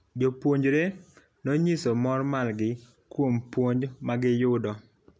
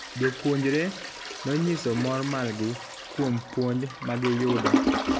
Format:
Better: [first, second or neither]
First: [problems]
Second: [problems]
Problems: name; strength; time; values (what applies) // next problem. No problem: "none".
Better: first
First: none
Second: background sound (Toilet flush); 3 dB below the speech